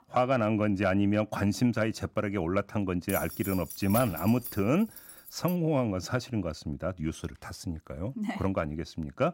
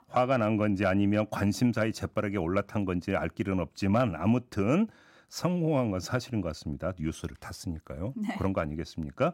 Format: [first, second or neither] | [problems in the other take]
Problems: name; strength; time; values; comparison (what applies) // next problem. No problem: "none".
second | jangling keys; noticeable; from 3 to 5.5 s; peak 6 dB below the speech